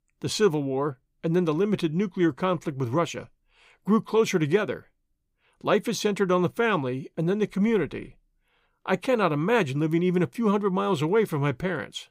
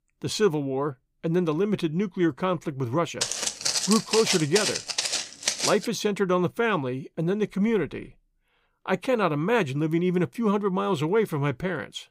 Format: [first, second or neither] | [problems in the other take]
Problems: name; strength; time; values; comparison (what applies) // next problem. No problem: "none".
first | footsteps; loud; from 3 to 6 s; peak 2 dB above the speech